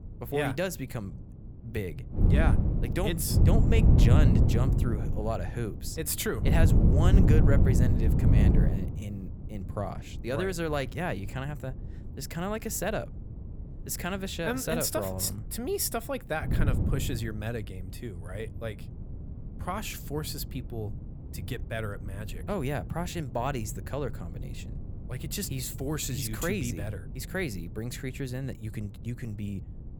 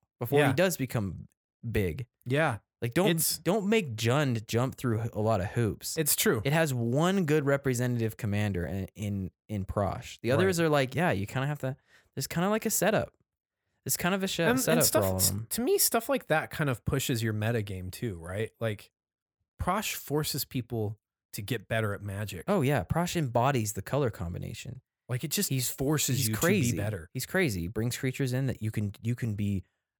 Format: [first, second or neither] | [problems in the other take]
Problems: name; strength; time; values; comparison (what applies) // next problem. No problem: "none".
second | wind noise on the microphone; heavy; 2 dB below the speech